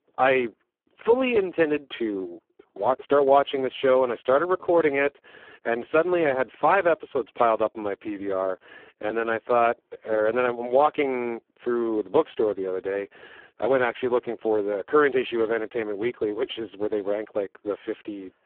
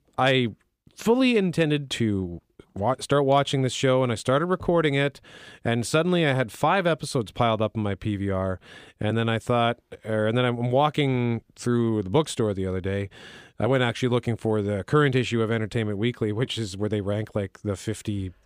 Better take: second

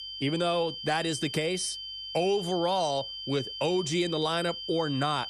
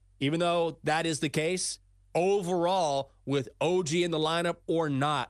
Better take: second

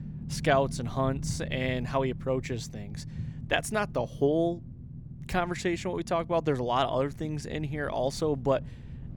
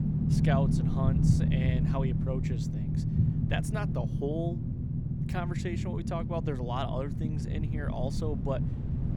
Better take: first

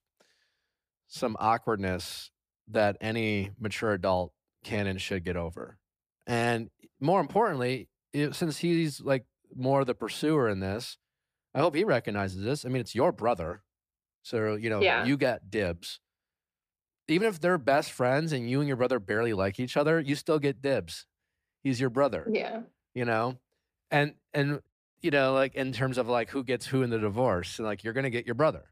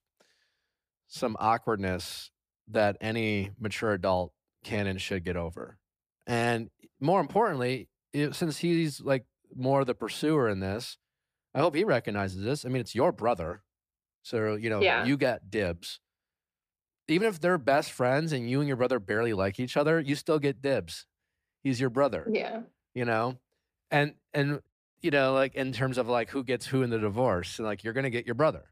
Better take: neither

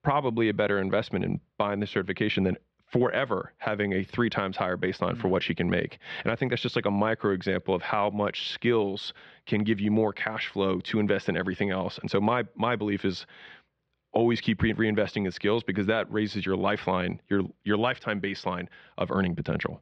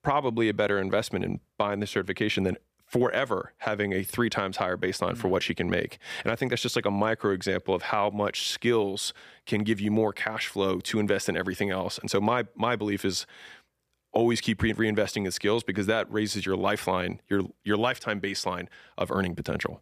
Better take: second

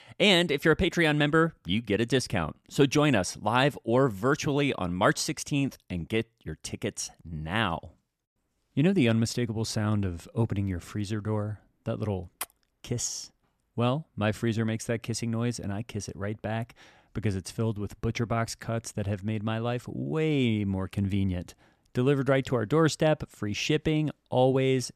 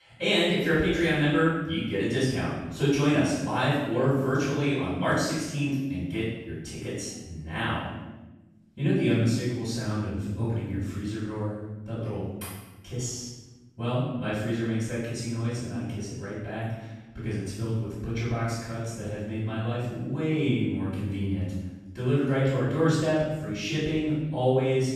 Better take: first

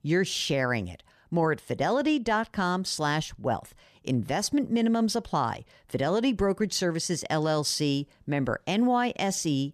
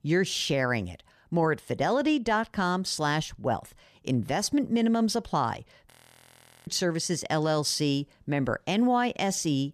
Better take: first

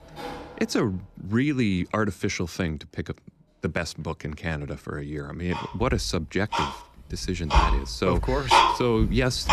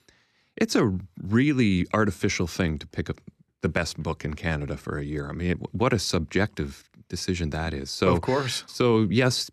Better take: second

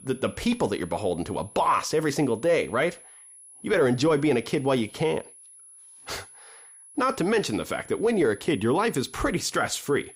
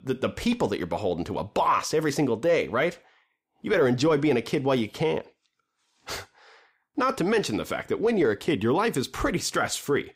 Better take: second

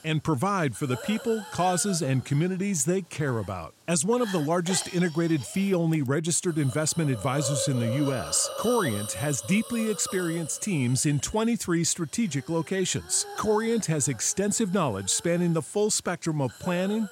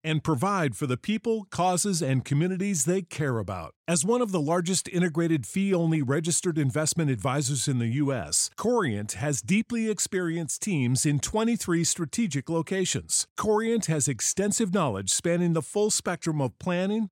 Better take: second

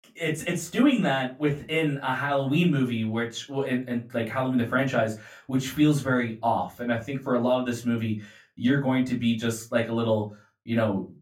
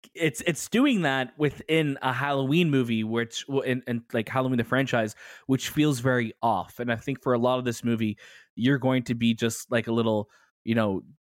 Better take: second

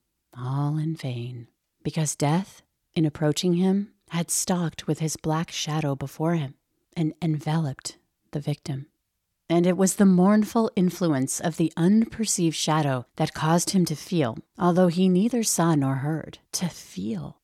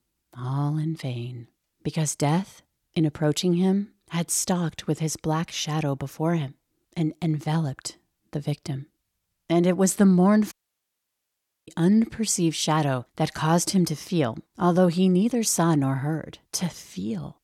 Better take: first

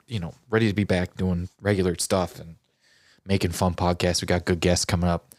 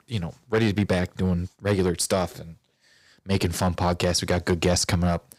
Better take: first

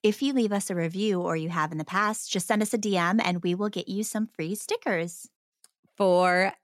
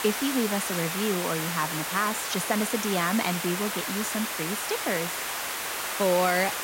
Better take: first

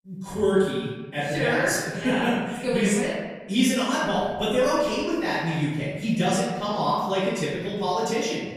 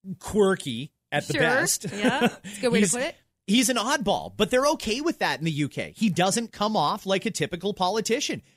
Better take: second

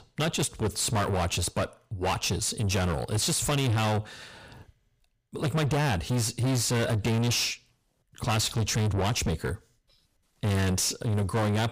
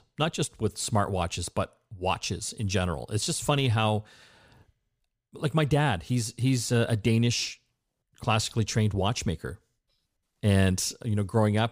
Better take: second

